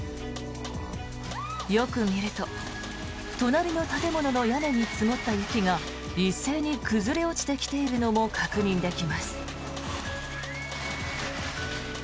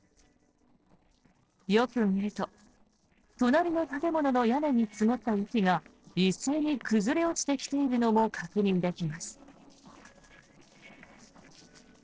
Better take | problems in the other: first | noise reduction (neural separator model SepFormer DNS4)

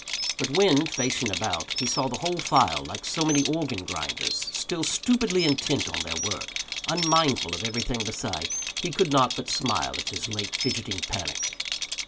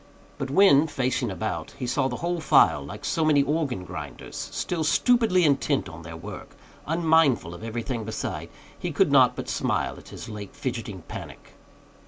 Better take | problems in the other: second | background sound (Rattle + Bird); 4 dB below the speech

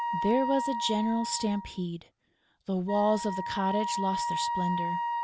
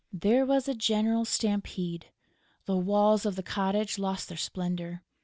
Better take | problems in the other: second | background sound (Wind instrument, woodwind instrument); 3 dB below the speech

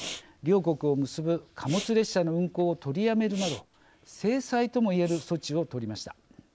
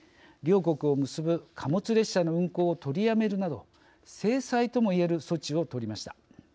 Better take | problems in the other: second | noise reduction (neural mask model Resemble Enhance denoiser)

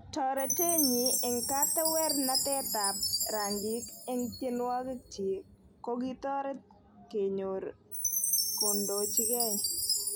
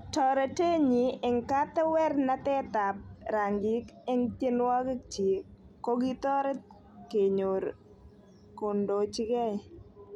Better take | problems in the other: second | background sound (Chime); 1 dB above the speech

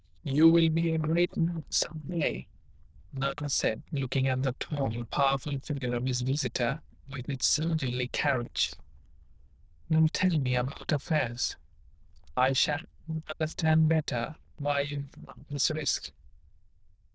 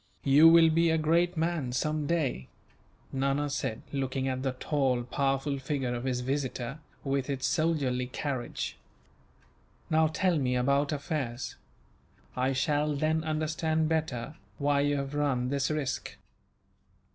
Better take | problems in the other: second | noise reduction (neural diffusion model UNIVERSE++)

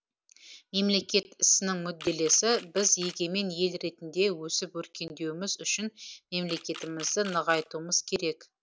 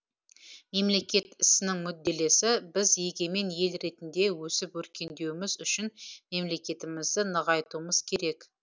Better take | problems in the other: second | background sound (Camera); 17 dB below the speech

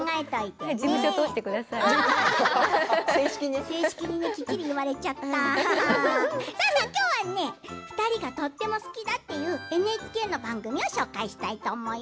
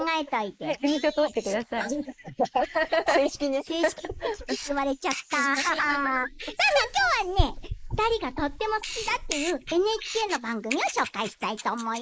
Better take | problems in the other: first | noise reduction (neural mask model Resemble Enhance denoiser)

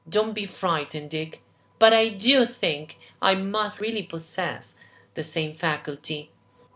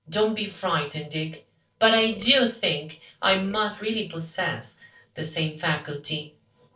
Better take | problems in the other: first | noise reduction (neural separator model SepFormer DNS4)

